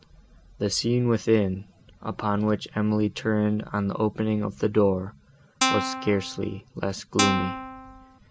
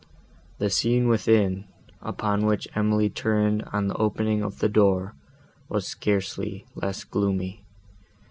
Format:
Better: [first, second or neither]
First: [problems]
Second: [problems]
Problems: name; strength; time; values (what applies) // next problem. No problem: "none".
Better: second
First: background sound (Guitar); 2 dB below the speech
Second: none